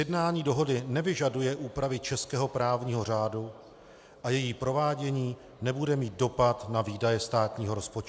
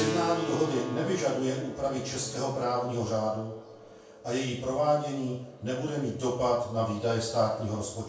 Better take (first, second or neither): first